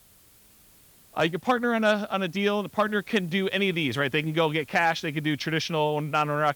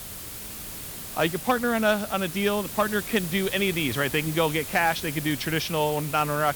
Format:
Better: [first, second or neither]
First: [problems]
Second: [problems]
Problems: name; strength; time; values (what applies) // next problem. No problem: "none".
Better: first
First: hiss; faint; throughout; 25 dB below the speech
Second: hiss; loud; throughout; 9 dB below the speech